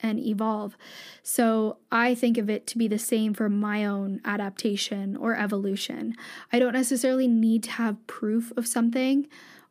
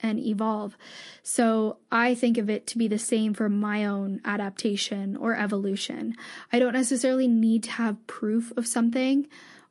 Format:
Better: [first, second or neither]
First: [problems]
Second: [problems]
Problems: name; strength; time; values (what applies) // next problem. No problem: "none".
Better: first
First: none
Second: garbled, watery; slightly; nothing above 11 kHz